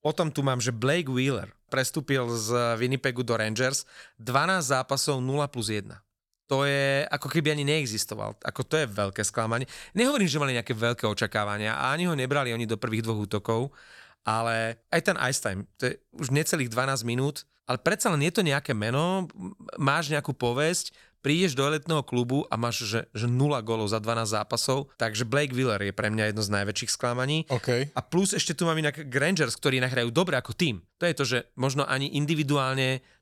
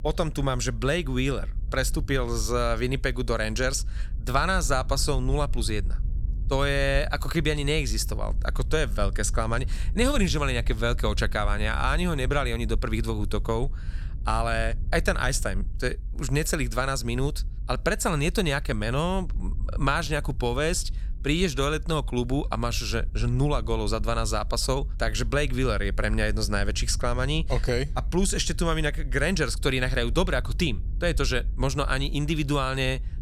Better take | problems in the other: first | low rumble; faint; throughout; 25 dB below the speech

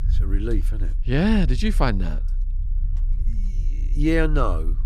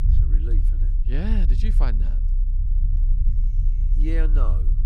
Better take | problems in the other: first | low rumble; loud; throughout; 8 dB below the speech; faint in the first

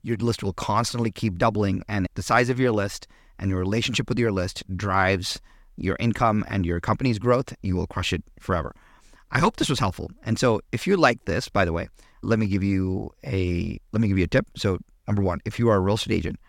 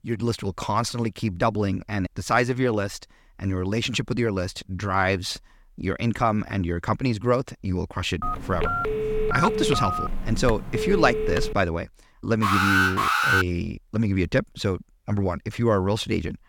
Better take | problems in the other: first | phone ringing; loud; from 8 to 12 s; peak 1 dB above the speech // alarm; loud; from 12 to 13 s; peak 6 dB above the speech

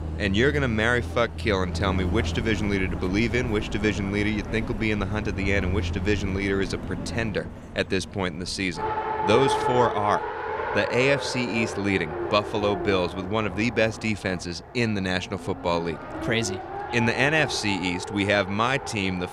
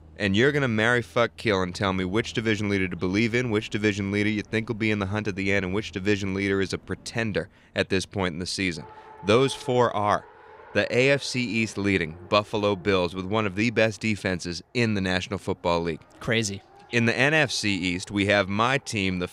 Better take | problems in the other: second | traffic noise; loud; throughout; 6 dB below the speech; faint in the second

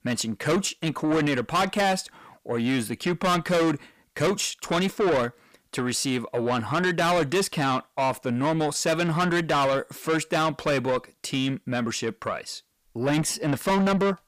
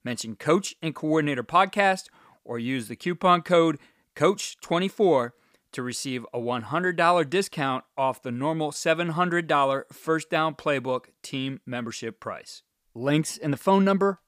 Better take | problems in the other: second | distortion; heavy; 6 dB below the speech

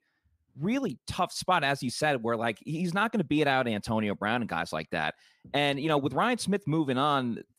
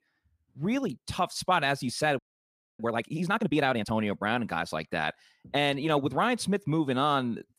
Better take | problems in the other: first | audio freezing; at 2 s for 0.5 s

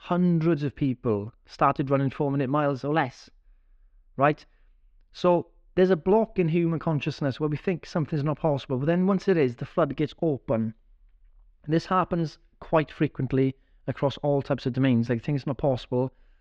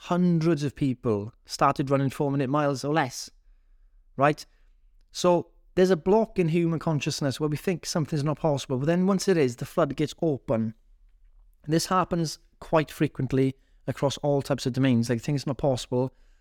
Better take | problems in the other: second | muffled; slightly; fading above 3.5 kHz

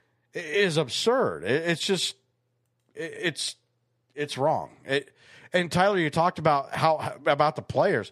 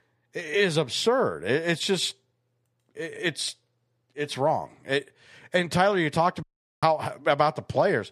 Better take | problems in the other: first | audio cutting out; at 6.5 s

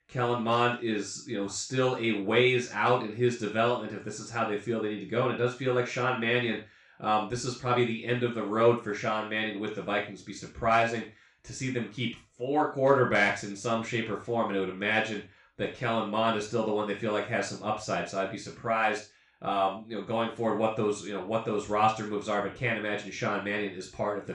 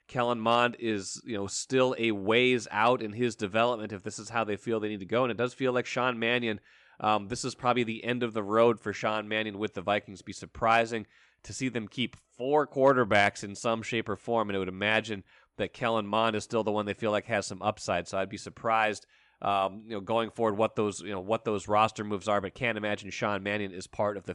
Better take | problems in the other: second | room echo; noticeable; dies away in 0.3 s // off-mic speech; far

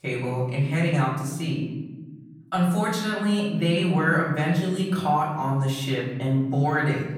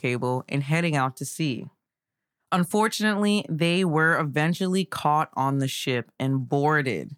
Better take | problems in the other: second | off-mic speech; far // room echo; noticeable; dies away in 1.2 s

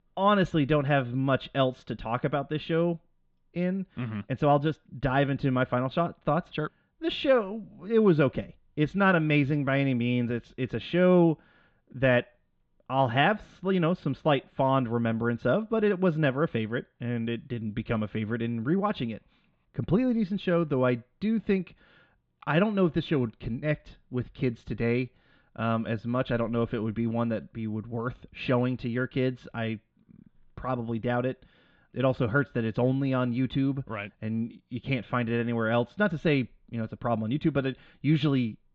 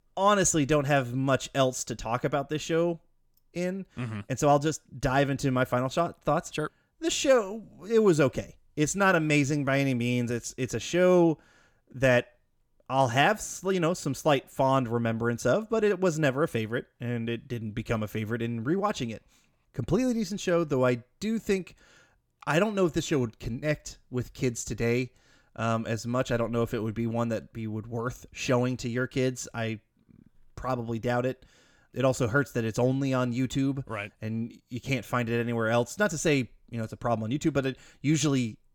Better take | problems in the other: second | muffled; very; fading above 3.5 kHz

